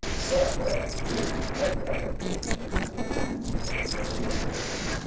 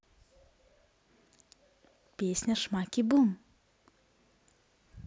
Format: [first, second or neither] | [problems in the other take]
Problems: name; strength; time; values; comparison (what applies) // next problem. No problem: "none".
second | noise reduction (neural separator model SepFormer DNS4)